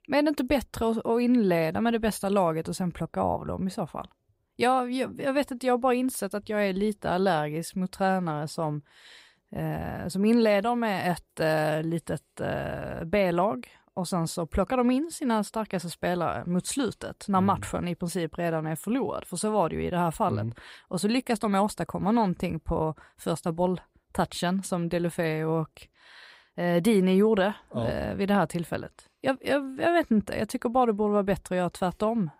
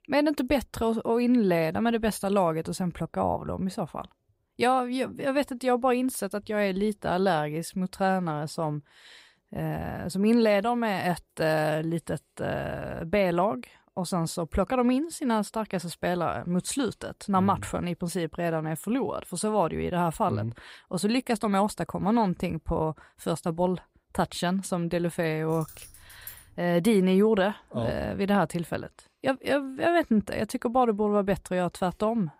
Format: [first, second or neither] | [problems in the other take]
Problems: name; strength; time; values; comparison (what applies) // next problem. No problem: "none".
first | jangling keys; faint; from 26 to 27 s; peak 15 dB below the speech